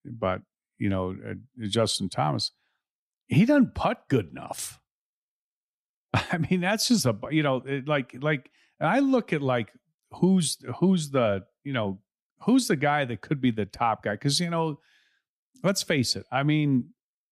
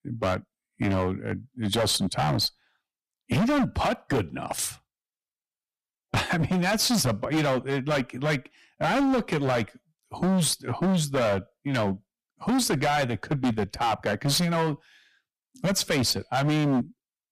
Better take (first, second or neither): first